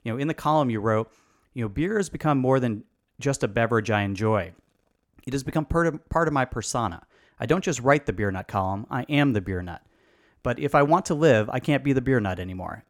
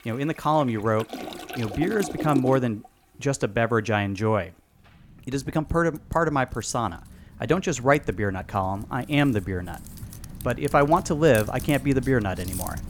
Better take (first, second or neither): first